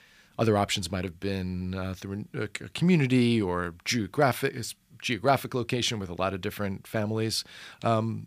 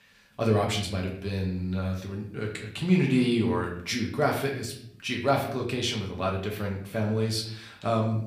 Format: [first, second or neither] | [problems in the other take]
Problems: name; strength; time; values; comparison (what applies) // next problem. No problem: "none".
first | room echo; slight; dies away in 0.6 s // off-mic speech; somewhat distant